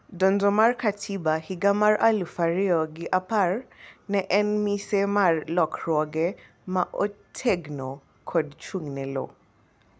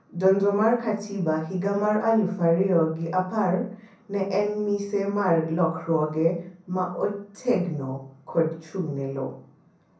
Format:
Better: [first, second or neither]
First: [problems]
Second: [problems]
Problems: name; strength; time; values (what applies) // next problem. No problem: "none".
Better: first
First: none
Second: room echo; dies away in 0.6 s